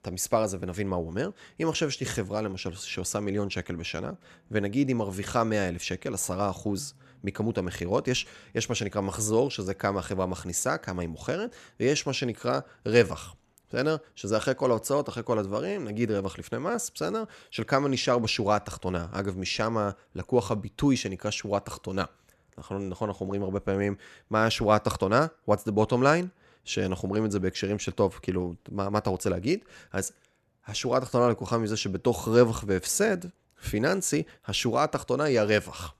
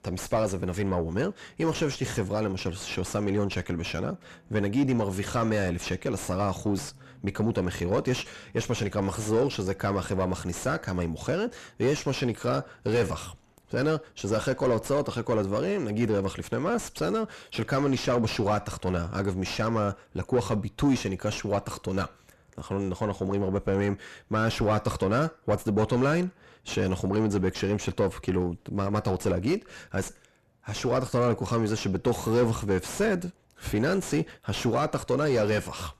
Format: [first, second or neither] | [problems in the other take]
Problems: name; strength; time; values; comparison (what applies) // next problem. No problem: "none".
first | distortion; heavy; 5 dB below the speech